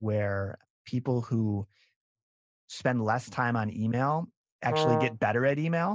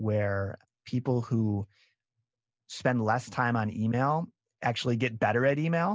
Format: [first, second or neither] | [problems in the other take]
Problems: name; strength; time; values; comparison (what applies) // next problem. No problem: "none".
second | noise reduction (neural mask model DeepFilterNet 3)